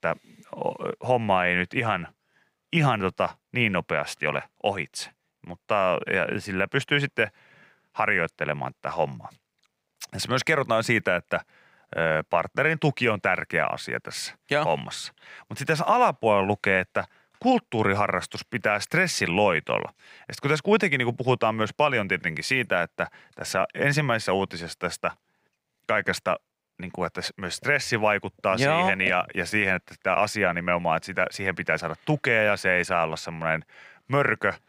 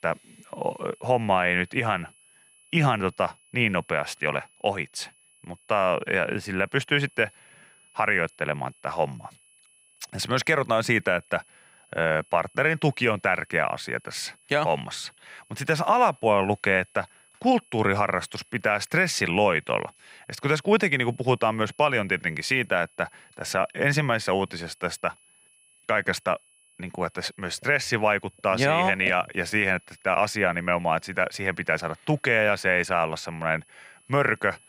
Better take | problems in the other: first | high-pitched whine; faint; throughout; 10.5 kHz, 30 dB below the speech

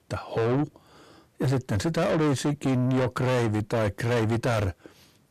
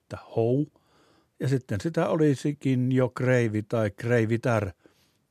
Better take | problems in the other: second | distortion; heavy; 5 dB below the speech

